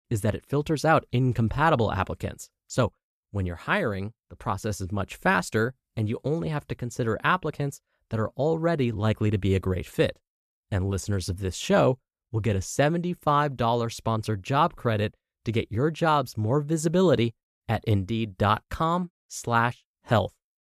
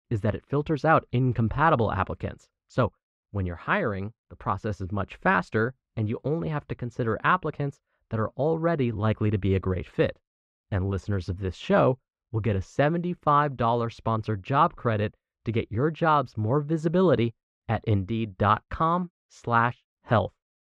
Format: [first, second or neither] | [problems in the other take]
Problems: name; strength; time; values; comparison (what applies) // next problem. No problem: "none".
first | muffled; slightly; fading above 2.5 kHz